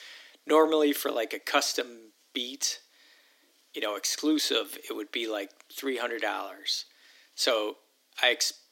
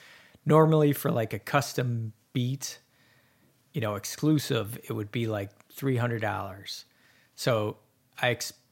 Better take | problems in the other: second | thin; somewhat; fading below 300 Hz

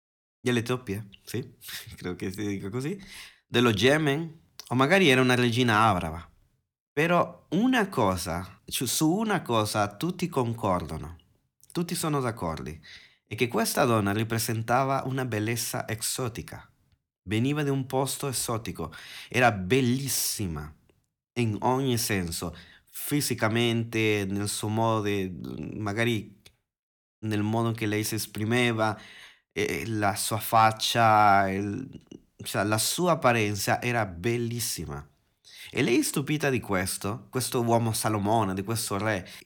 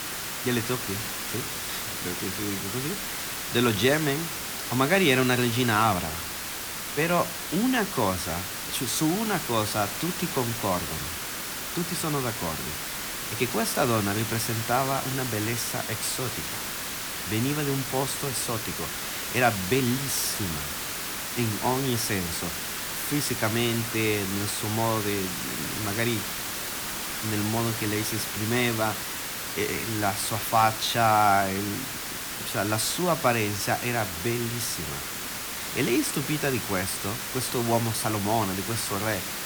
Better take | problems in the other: first | hiss; loud; throughout; 3 dB below the speech

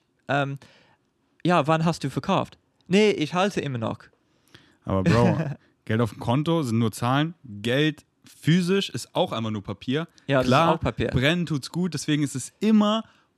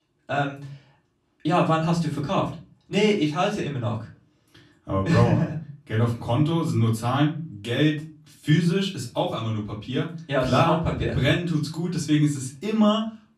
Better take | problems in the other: first | off-mic speech; far // room echo; slight; dies away in 0.3 s

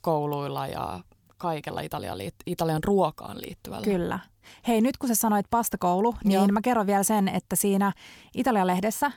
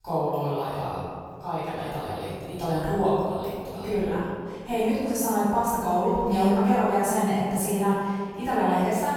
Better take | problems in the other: first | off-mic speech; far // room echo; strong; dies away in 1.7 s

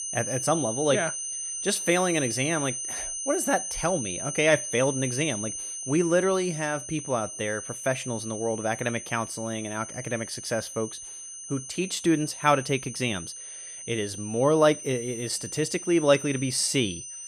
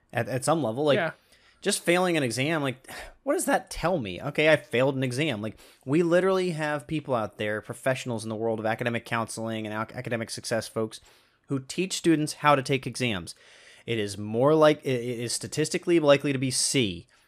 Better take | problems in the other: second | high-pitched whine; loud; throughout; 6 kHz, 7 dB below the speech

